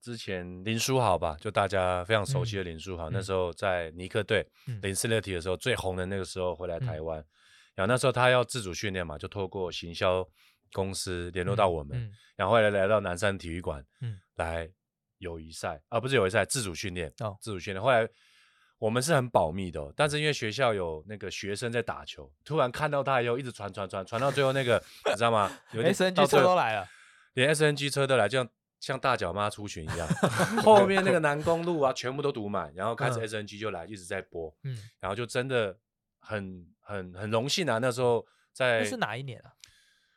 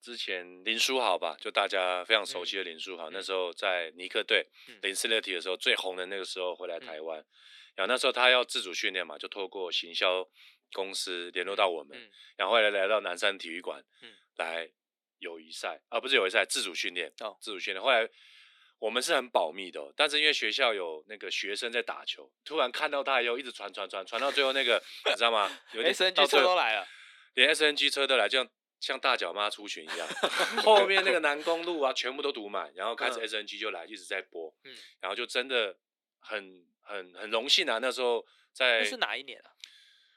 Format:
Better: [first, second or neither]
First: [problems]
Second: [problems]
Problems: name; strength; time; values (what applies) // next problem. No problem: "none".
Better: first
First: none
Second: thin; somewhat; fading below 250 Hz